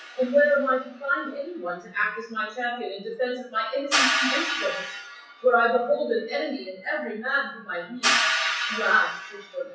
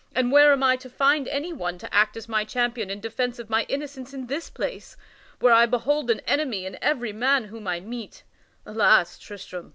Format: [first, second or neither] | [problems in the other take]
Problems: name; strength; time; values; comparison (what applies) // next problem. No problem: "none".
second | noise reduction (classical method WPE with log-MMSE)